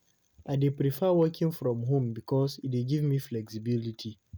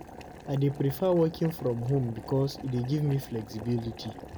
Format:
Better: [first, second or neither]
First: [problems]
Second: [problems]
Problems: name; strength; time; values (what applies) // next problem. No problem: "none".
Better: first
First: none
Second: background sound (Boiling); 15 dB below the speech